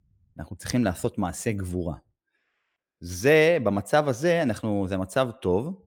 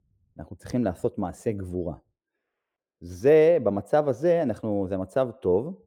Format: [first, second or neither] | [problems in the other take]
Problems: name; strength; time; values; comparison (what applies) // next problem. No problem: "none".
first | muffled; slightly; fading above 1.5 kHz